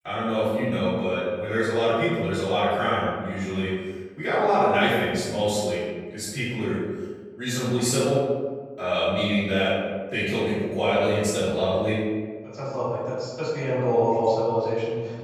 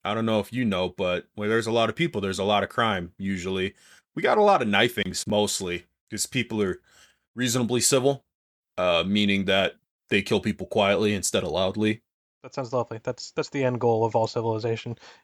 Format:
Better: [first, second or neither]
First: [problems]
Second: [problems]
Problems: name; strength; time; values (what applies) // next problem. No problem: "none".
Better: second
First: off-mic speech; far // room echo; strong; dies away in 1.4 s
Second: none